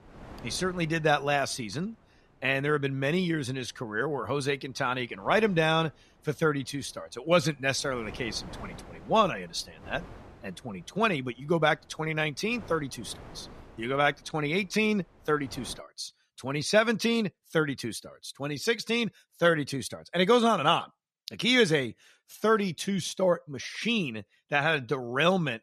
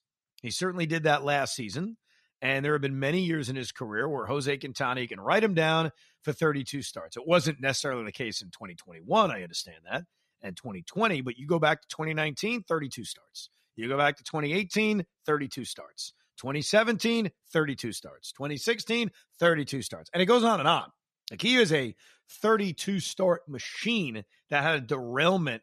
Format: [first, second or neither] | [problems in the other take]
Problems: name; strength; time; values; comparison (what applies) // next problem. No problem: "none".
second | wind noise on the microphone; occasional gusts; until 16 s; 25 dB below the speech